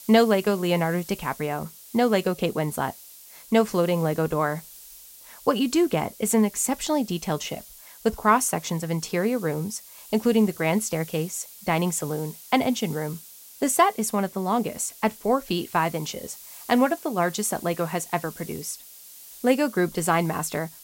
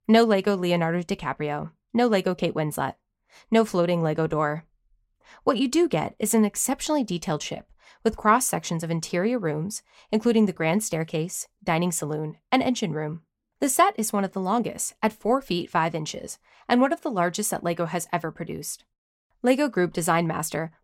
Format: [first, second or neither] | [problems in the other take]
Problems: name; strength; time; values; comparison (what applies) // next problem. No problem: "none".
second | hiss; noticeable; throughout; 15 dB below the speech